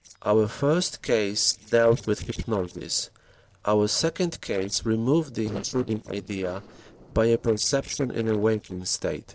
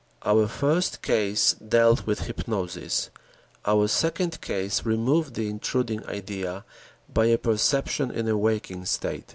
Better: second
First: noise reduction (neural separator model SepFormer DNS4)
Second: none

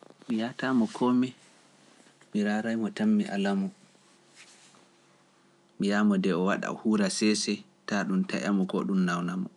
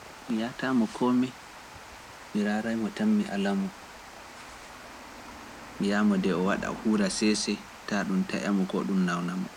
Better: first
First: none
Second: background sound (Water); 16 dB below the speech

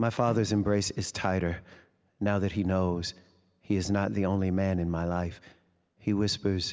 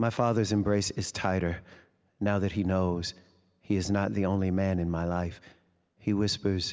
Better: second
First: background sound (Bowed string instrument); 16 dB below the speech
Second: none

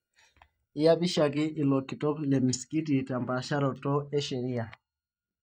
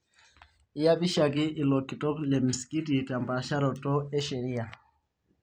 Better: second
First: noise reduction (neural mask model DeepFilterNet 3)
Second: none

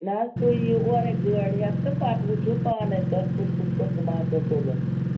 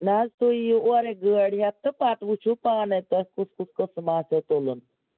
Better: second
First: background sound (Engine); 2 dB above the speech // room echo; dies away in 0.3 s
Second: none

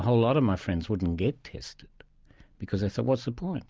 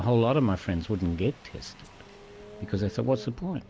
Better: first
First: none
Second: background sound (Engine starting); 20 dB below the speech

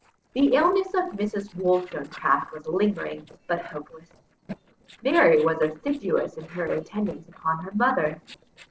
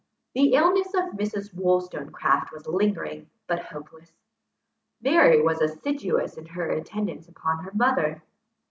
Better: second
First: noise reduction (neural separator model SepFormer DNS4)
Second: none

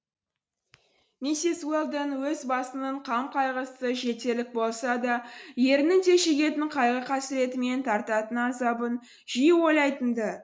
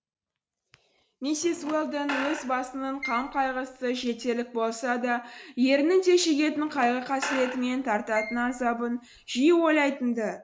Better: first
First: none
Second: background sound (Squeak / Screech); 12 dB below the speech

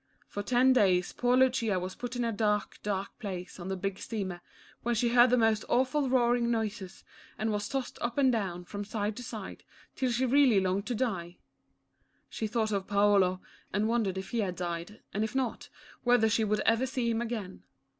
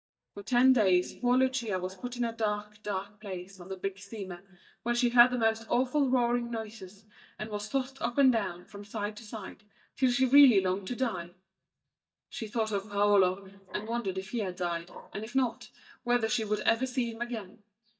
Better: first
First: none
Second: noise reduction (neural mask model DeepFilterNet 3)

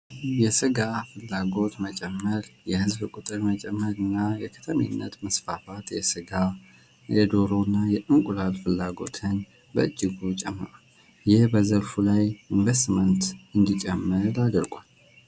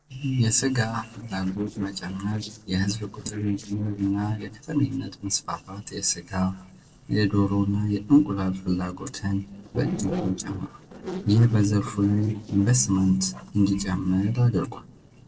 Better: first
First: none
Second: noise reduction (neural separator model SepFormer DNS4)

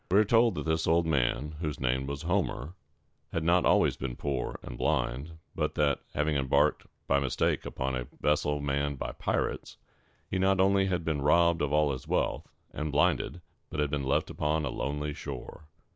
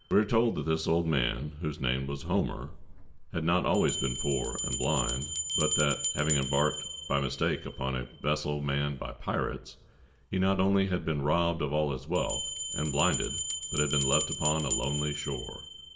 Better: first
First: none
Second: background sound (Bell); 7 dB below the speech // room echo; dies away in 0.6 s

